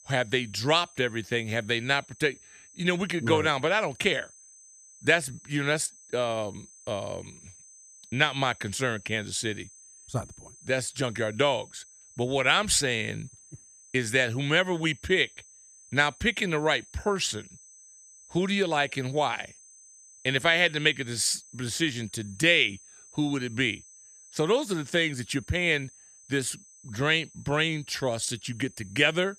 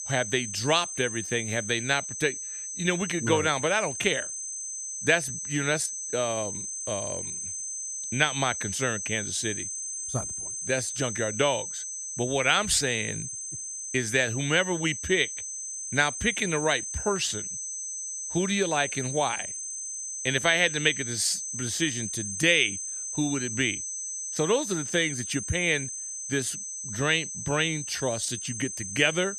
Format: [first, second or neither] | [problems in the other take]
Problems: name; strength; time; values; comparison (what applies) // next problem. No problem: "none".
first | high-pitched whine; loud; throughout; 6.5 kHz, 5 dB below the speech; faint in the first